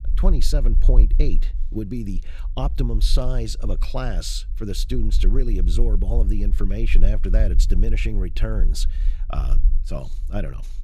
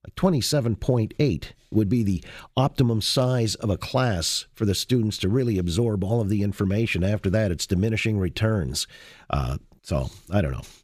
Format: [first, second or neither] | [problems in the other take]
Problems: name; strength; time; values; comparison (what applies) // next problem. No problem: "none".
second | low rumble; noticeable; throughout; 15 dB below the speech